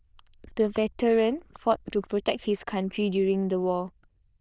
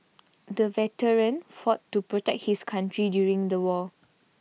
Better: second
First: noise reduction (neural diffusion model UNIVERSE++)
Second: none

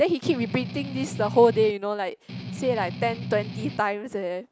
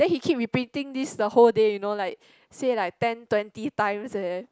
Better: second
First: background sound (Strum); 9 dB below the speech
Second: none

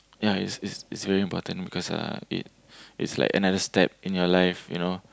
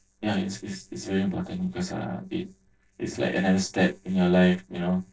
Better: first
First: none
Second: noise reduction (neural separator model SepFormer DNS4)

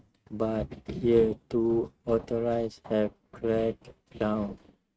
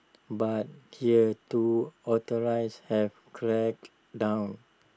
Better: second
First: noise reduction (neural mask model RNNoise)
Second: none

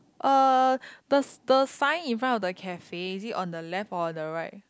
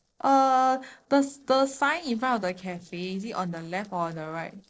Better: first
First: none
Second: noise reduction (neural separator model SepFormer DNS4)

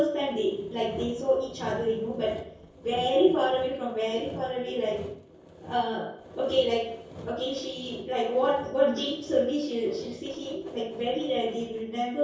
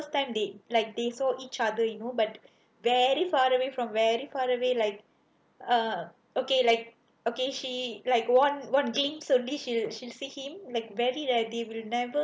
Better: second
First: background sound (Sawing); 17 dB below the speech // room echo; dies away in 0.6 s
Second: none

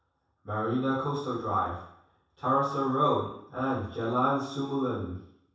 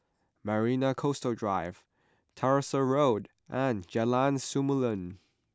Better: second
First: room echo; dies away in 0.7 s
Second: none

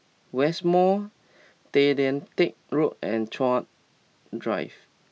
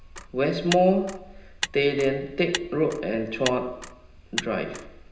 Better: first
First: none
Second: background sound (Motor vehicle (road)); 11 dB below the speech // room echo; dies away in 0.9 s

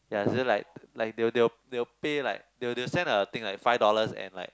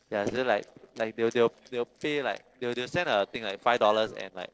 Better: first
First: none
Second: noise reduction (neural separator model SepFormer DNS4)

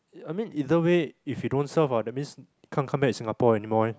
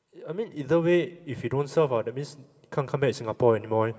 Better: first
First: none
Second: room echo; dies away in 1 s

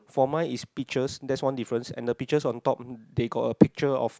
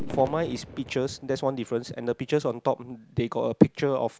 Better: first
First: none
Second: background sound (Fireworks); 15 dB below the speech

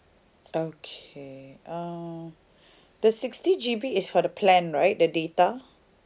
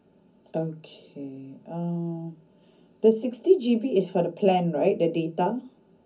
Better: first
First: none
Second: room echo; dies away in 0.4 s

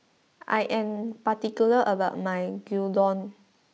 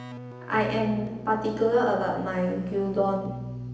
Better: first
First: none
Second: background sound (Keyboard (musical)); 12 dB below the speech // room echo; dies away in 0.9 s

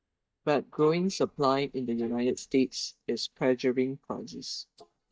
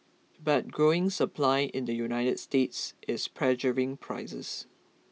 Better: second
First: noise reduction (neural mask model DeepFilterNet 3)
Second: none

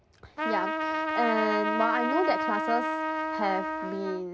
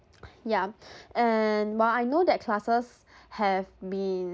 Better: second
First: background sound (Trumpet); 1 dB above the speech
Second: none

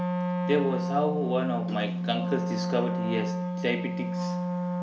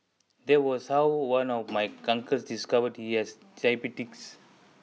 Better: second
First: background sound (Wind instrument, woodwind instrument); 1 dB above the speech // room echo; dies away in 0.5 s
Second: none

